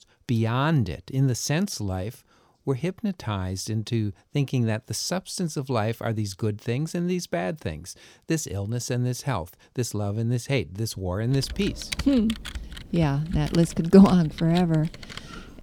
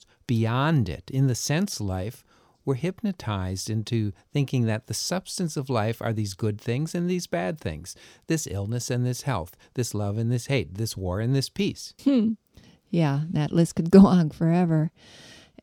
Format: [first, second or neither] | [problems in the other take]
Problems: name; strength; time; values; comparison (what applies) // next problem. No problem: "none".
second | keyboard typing; noticeable; from 11 s on; peak 6 dB below the speech